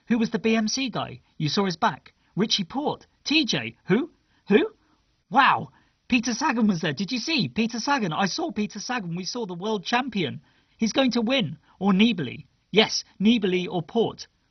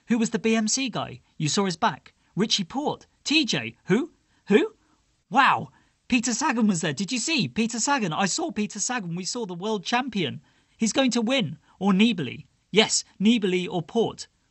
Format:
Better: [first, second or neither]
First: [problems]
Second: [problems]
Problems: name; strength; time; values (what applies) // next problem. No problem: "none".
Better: second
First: garbled, watery; badly; nothing above 6 kHz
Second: garbled, watery; slightly; nothing above 8 kHz